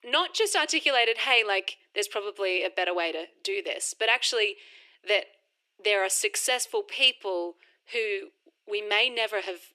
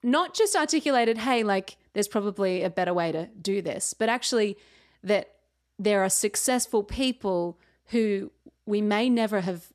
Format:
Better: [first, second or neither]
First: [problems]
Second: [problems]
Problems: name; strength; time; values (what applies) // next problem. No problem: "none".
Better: second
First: thin; very; fading below 350 Hz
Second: none